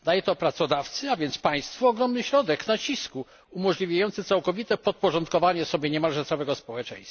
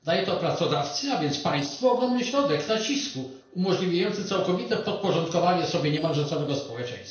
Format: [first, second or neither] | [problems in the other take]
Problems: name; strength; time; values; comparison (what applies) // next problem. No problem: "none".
first | noise reduction (neural separator model SepFormer DNS4)